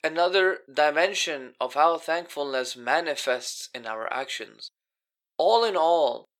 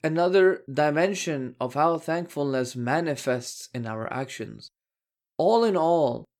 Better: second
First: thin; very; fading below 600 Hz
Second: none

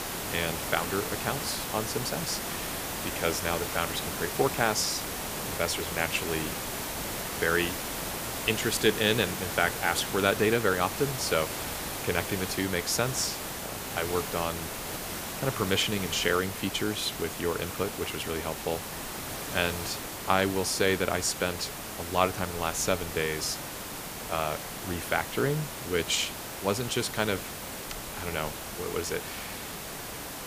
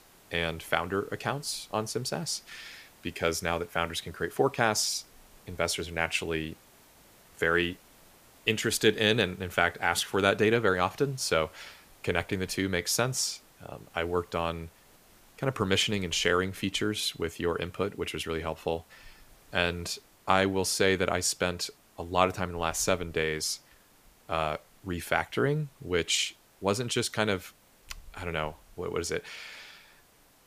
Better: second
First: hiss; loud; throughout; 5 dB below the speech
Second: hiss; faint; throughout; 30 dB below the speech

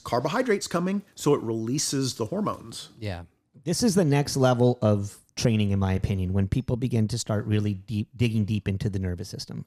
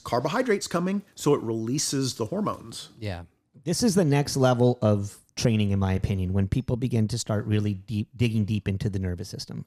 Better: neither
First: none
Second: none

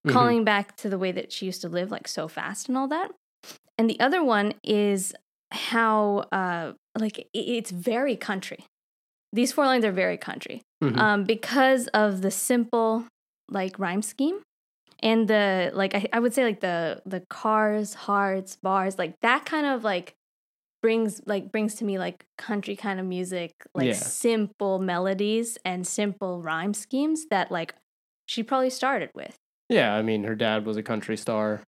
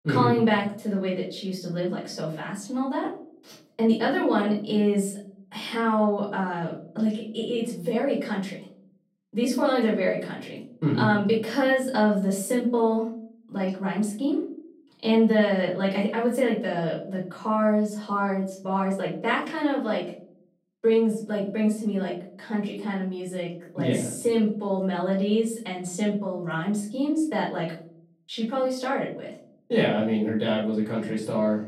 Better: first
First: none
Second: off-mic speech; far // room echo; noticeable; dies away in 0.6 s

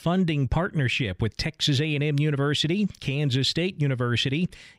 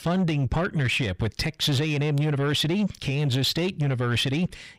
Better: first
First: none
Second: distortion; slight; 10 dB below the speech

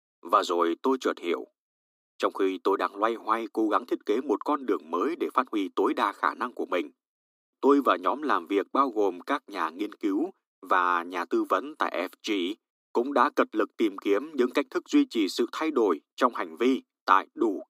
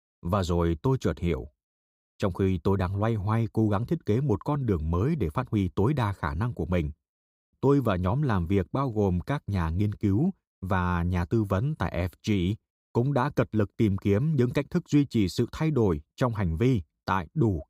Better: second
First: thin; somewhat; fading below 250 Hz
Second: none

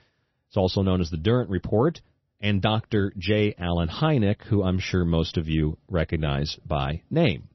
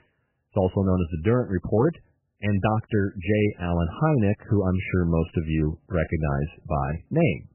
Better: first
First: garbled, watery; slightly; nothing above 6 kHz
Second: garbled, watery; badly; nothing above 3 kHz

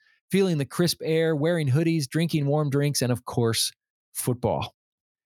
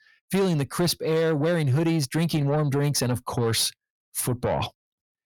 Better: first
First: none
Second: distortion; slight; 10 dB below the speech

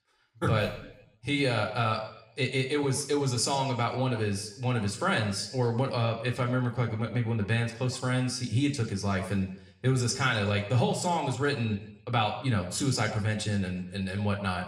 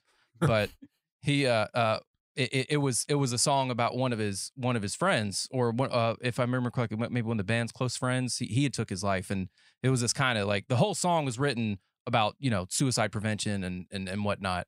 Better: second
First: room echo; slight; dies away in 0.8 s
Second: none

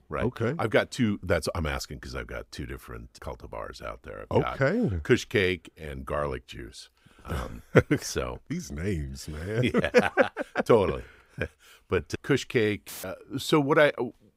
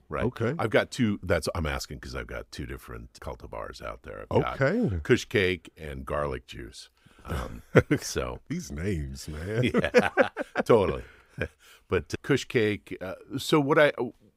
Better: second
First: audio cutting out; filled with static; at 13 s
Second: none

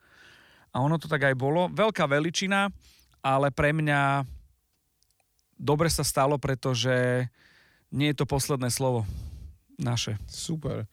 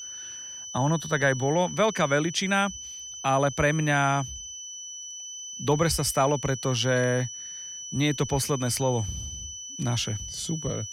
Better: first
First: none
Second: high-pitched whine; loud; throughout; 6 kHz, 10 dB below the speech

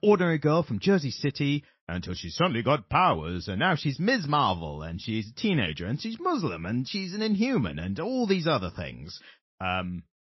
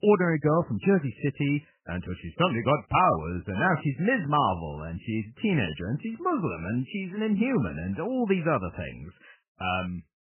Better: first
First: garbled, watery; slightly; nothing above 5.5 kHz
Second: garbled, watery; badly; nothing above 3 kHz

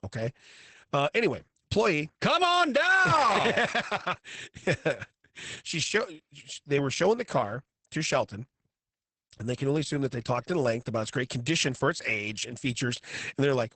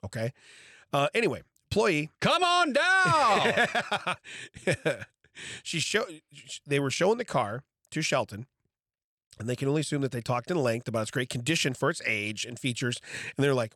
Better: second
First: garbled, watery; badly; nothing above 8 kHz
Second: none

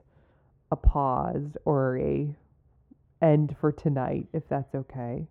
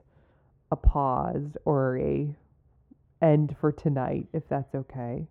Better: neither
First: muffled; very; fading above 2 kHz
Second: muffled; very; fading above 2 kHz

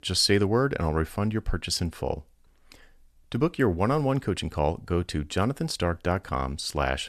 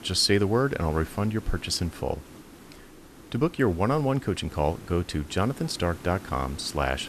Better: first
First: none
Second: hiss; noticeable; throughout; 20 dB below the speech

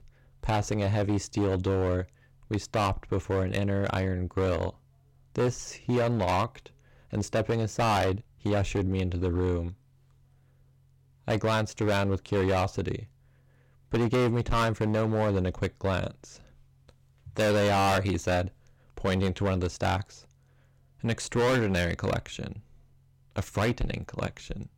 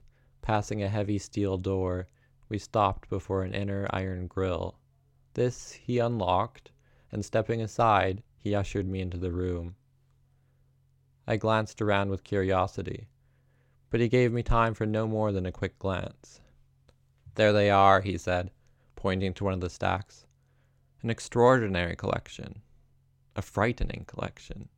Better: second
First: distortion; heavy; 10% of the sound clipped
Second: none

